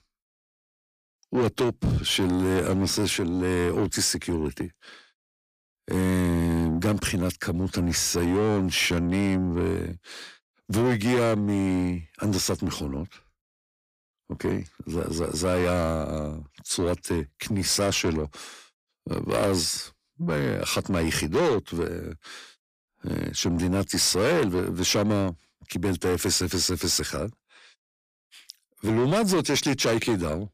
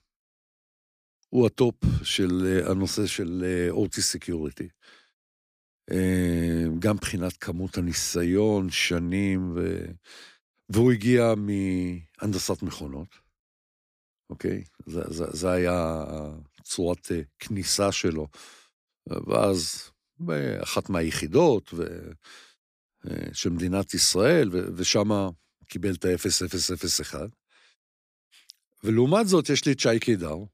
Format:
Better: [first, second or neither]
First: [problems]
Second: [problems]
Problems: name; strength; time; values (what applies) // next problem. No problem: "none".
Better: second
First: distortion; heavy; 8 dB below the speech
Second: none